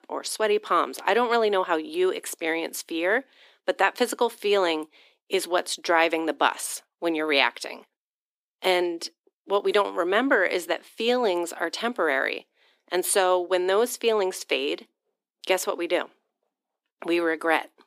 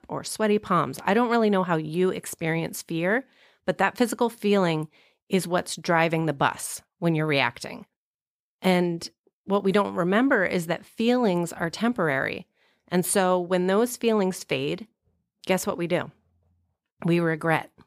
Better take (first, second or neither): second